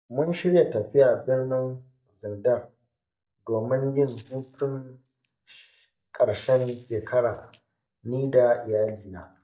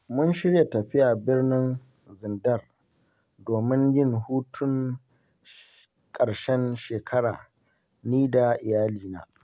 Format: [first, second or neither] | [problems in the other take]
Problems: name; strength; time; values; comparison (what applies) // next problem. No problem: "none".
second | noise reduction (neural mask model DeepFilterNet 3)